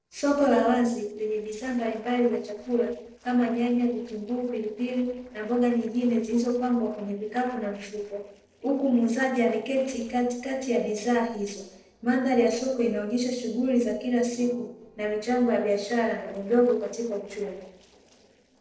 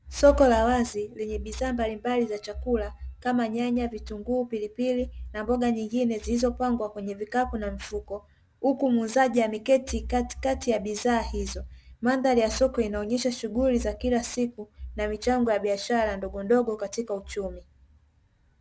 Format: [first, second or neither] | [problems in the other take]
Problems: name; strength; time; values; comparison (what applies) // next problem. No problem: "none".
second | noise reduction (neural separator model SepFormer DNS4)